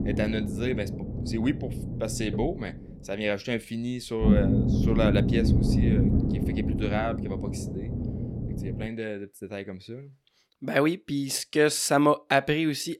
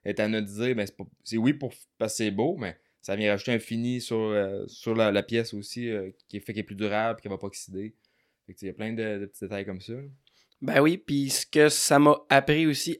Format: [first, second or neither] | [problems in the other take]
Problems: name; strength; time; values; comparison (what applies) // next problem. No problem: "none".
second | low rumble; loud; until 9 s; 6 dB below the speech